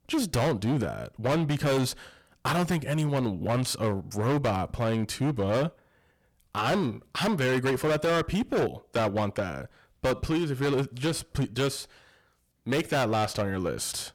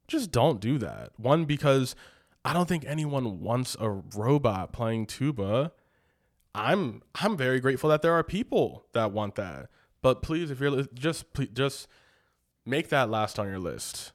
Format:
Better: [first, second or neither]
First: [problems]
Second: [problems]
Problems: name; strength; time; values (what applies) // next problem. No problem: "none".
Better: second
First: distortion; heavy; 16% of the sound clipped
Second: none